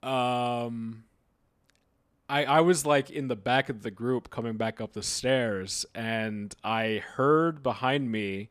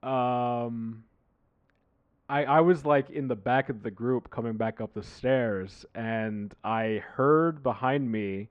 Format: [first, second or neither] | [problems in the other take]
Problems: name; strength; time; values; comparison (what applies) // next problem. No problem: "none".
first | muffled; very; fading above 1.5 kHz